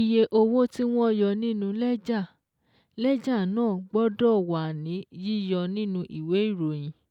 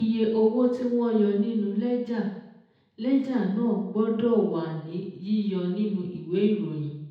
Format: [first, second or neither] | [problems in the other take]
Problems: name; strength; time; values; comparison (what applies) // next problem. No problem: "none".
first | room echo; dies away in 0.8 s